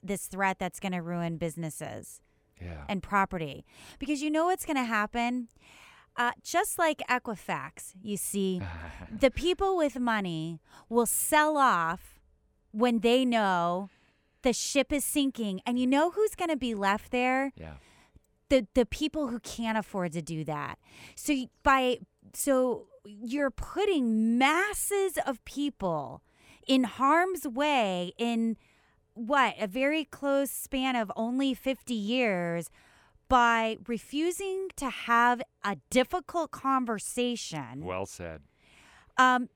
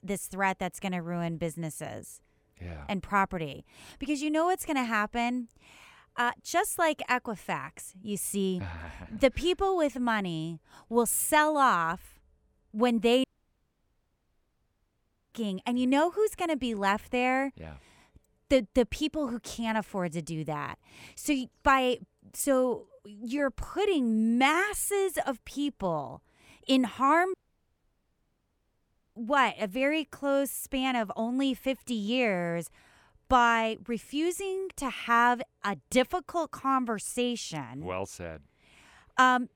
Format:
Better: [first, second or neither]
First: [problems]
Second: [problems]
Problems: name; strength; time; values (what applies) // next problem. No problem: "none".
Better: first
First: none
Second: audio cutting out; at 13 s for 2 s and at 27 s for 2 s